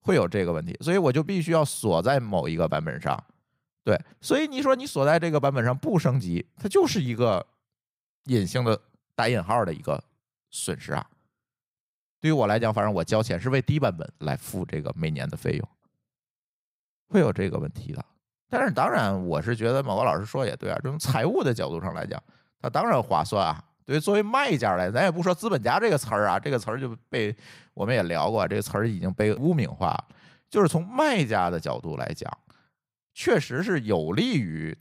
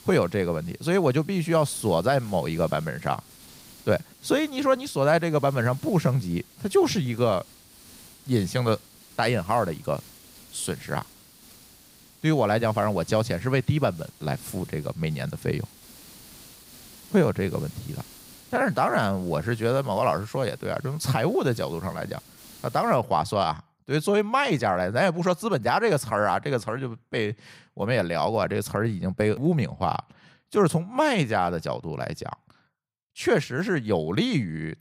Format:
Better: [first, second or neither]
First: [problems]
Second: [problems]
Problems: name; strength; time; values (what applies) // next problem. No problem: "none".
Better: first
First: none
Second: hiss; faint; until 23 s; 20 dB below the speech